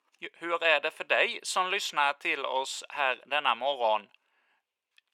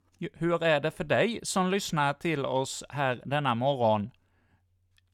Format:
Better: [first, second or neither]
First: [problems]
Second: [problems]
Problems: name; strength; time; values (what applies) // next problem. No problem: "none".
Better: second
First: thin; very; fading below 450 Hz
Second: none